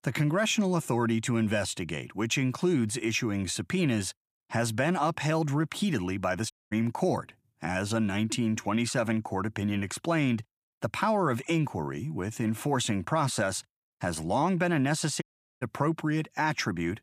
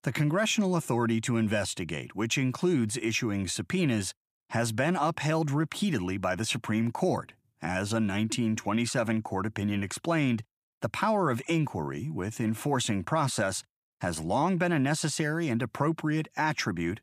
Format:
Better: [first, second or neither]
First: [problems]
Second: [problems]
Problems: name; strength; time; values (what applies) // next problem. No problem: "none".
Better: second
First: audio cutting out; at 6.5 s and at 15 s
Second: none